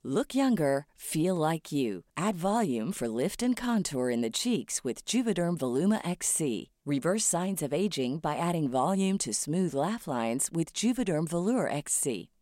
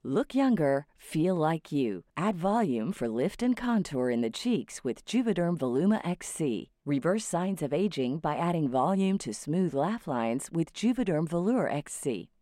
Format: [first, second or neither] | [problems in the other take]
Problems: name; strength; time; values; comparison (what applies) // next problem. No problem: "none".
first | muffled; slightly; fading above 4 kHz